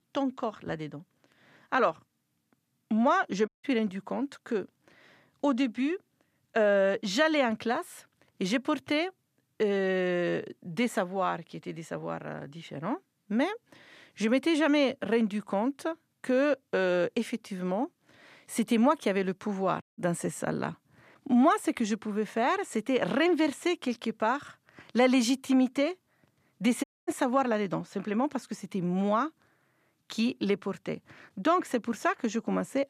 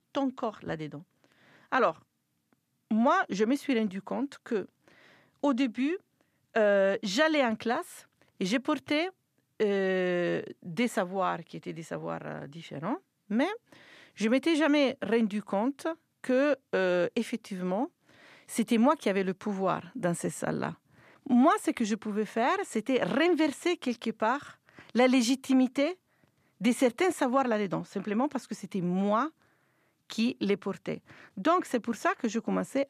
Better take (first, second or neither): second